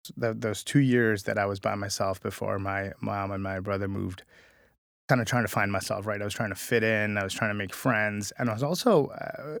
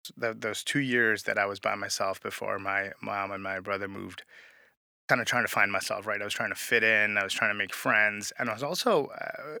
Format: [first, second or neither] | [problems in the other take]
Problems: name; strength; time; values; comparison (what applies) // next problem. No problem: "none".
first | thin; somewhat; fading below 900 Hz